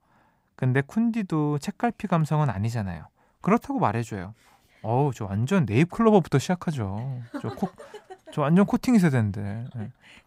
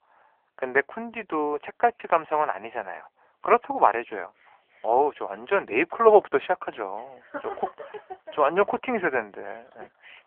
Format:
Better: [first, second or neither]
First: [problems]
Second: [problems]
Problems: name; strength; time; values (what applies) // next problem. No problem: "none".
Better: first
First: none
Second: phone-call audio; poor line